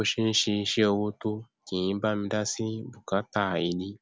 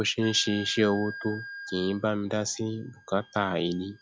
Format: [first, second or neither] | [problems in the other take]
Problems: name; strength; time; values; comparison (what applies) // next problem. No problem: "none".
first | noise reduction (classical method log-MMSE)